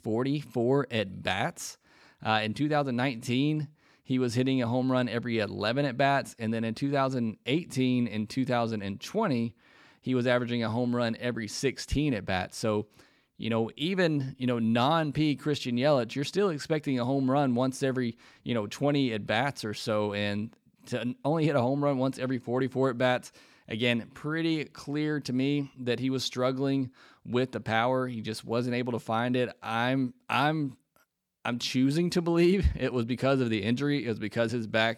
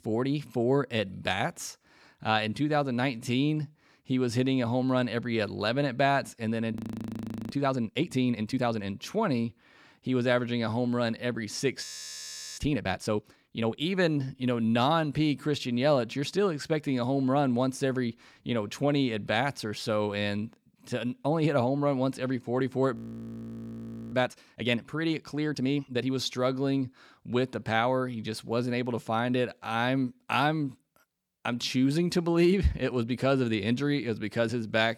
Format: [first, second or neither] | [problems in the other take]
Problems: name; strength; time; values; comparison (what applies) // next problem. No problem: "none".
first | audio freezing; at 7 s for 1 s, at 12 s for 0.5 s and at 23 s for 1 s